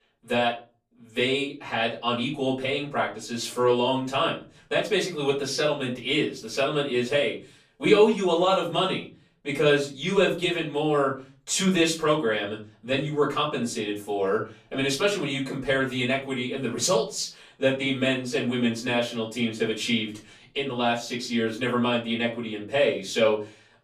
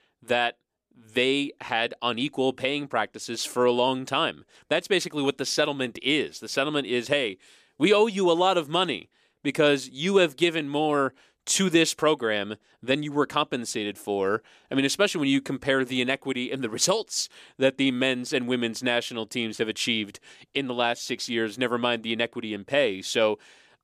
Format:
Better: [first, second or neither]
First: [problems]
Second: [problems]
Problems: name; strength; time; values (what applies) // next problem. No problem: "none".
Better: second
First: off-mic speech; far // room echo; slight; dies away in 0.4 s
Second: none